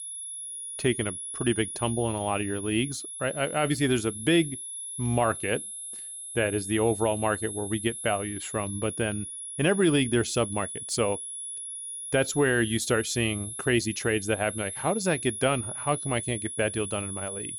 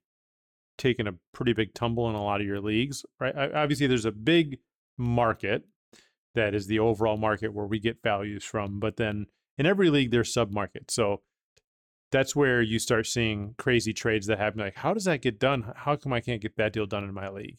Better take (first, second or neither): second